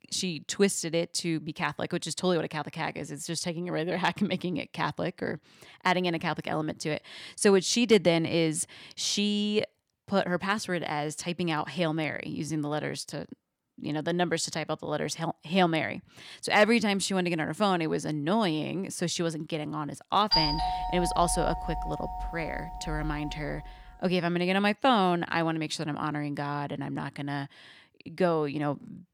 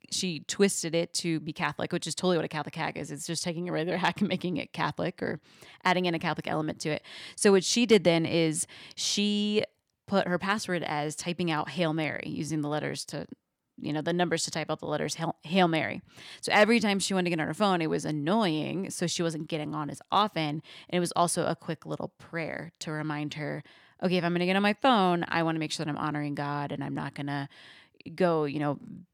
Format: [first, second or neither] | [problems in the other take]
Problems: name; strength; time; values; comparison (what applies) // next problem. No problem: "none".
second | doorbell; loud; from 20 to 24 s; peak 4 dB above the speech